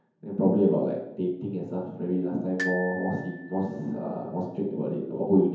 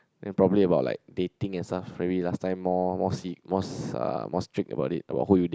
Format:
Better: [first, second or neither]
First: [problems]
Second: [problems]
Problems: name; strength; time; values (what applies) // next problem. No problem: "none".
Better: second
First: background sound (Glockenspiel); 12 dB below the speech // room echo; dies away in 0.9 s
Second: none